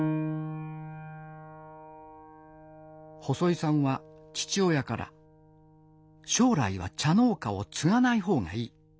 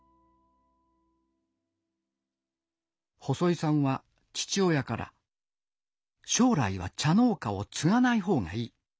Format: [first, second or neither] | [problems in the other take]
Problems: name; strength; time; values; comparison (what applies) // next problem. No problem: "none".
second | background sound (Piano); 11 dB below the speech